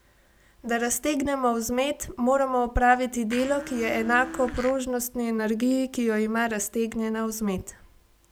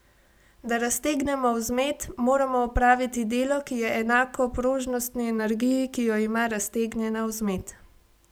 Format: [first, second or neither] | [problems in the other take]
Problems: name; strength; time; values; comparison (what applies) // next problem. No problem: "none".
second | background sound (Domestic sounds, home sounds); 12 dB below the speech